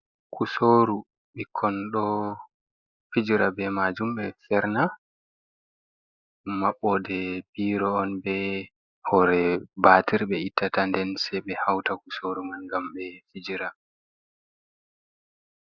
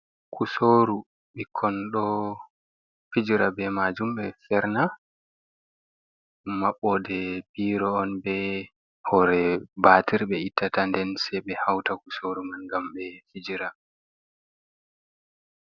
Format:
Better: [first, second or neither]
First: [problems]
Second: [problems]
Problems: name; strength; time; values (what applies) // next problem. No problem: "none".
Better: second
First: noise reduction (neural mask model Resemble Enhance denoiser)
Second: none